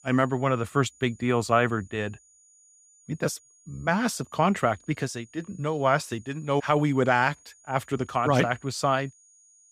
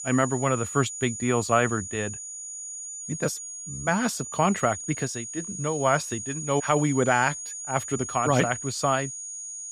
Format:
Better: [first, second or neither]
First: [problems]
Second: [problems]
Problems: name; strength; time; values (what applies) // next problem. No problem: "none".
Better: first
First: high-pitched whine; faint; throughout; 7 kHz, 30 dB below the speech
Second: high-pitched whine; loud; throughout; 7 kHz, 8 dB below the speech